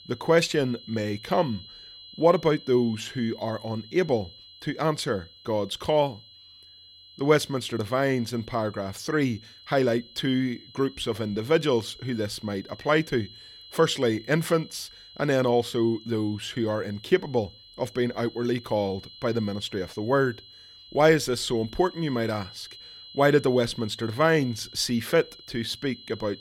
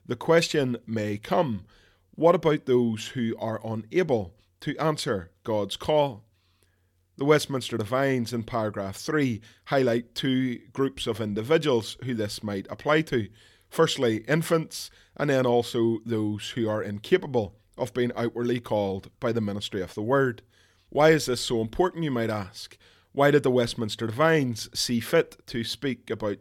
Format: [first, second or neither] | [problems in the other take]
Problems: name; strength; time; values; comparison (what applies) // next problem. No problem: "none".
second | high-pitched whine; noticeable; throughout; 4 kHz, 20 dB below the speech